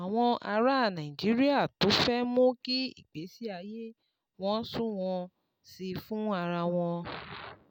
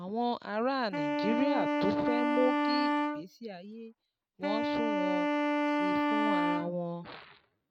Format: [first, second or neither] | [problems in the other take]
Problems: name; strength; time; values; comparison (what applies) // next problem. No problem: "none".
first | noise reduction (neural mask model RNNoise)